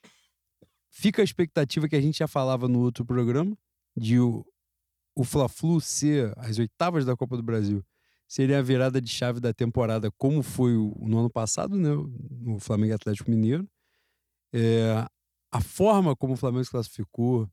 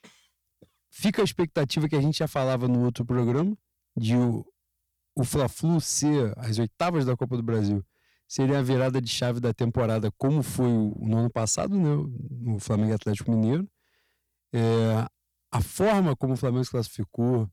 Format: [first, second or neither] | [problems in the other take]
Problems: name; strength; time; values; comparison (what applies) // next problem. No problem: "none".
first | distortion; slight; 10 dB below the speech